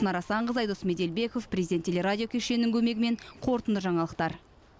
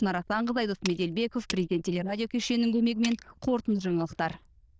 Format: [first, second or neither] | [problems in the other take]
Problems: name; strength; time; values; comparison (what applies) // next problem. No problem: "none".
first | noise reduction (neural diffusion model UNIVERSE++)